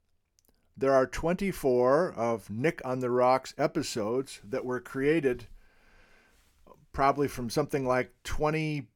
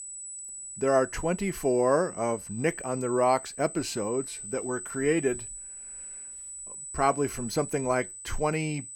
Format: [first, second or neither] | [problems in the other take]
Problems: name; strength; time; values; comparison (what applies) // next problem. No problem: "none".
first | high-pitched whine; noticeable; throughout; 8 kHz, 10 dB below the speech